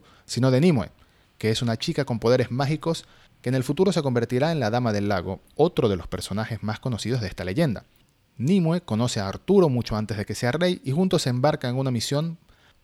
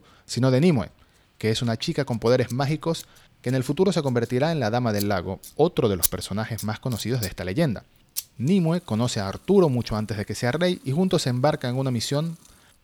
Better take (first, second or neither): first